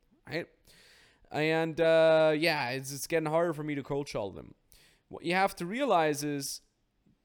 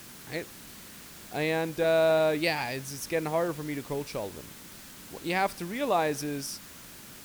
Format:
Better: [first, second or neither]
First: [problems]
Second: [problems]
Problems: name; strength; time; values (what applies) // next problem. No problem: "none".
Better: first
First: none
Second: hiss; noticeable; throughout; 15 dB below the speech